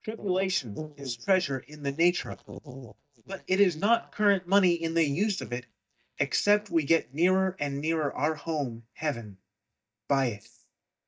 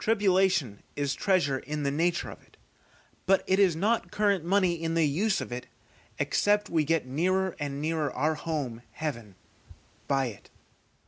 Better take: second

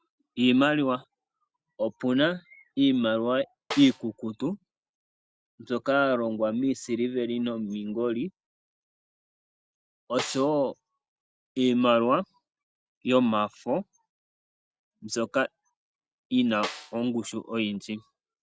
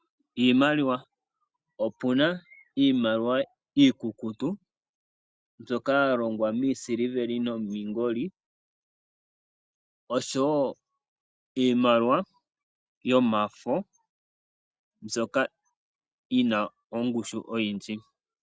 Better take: second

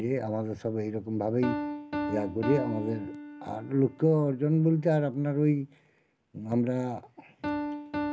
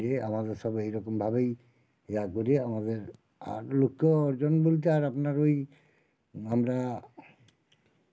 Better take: second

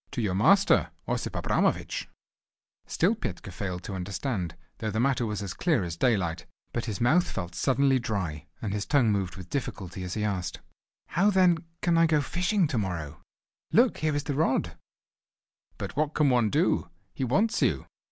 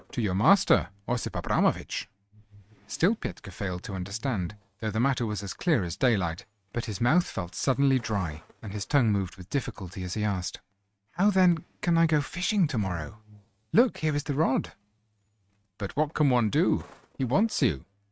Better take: first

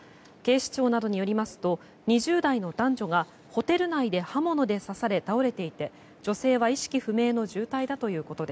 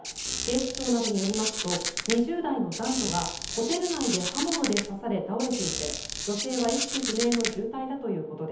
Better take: first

